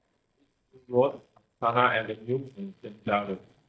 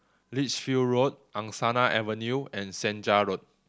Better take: second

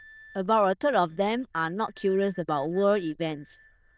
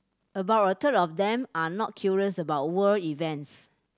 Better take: second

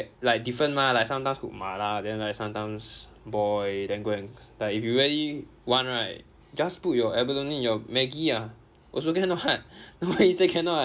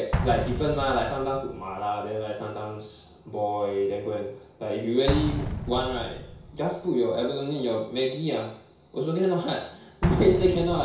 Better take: first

